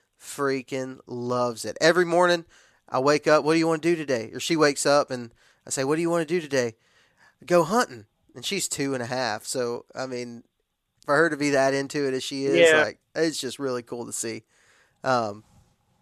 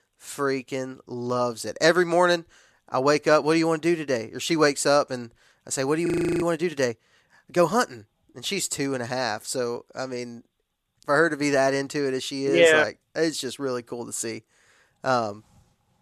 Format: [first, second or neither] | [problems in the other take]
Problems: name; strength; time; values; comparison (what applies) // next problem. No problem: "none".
first | audio freezing; at 6 s